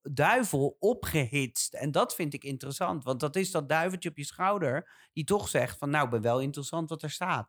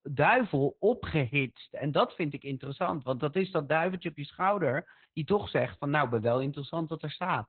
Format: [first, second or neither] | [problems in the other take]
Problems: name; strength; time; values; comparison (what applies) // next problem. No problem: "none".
first | garbled, watery; badly; nothing above 4 kHz